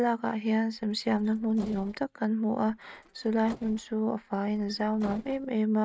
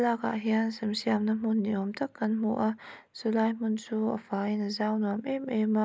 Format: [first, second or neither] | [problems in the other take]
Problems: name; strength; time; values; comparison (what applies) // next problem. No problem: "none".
second | noise reduction (neural mask model RNNoise)